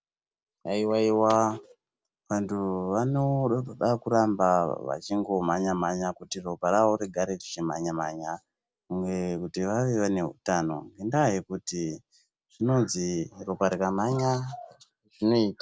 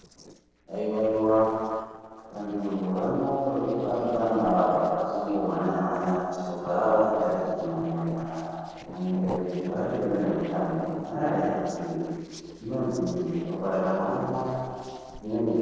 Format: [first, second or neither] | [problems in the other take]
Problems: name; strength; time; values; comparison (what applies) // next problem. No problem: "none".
first | noise reduction (neural separator model SepFormer DNS4)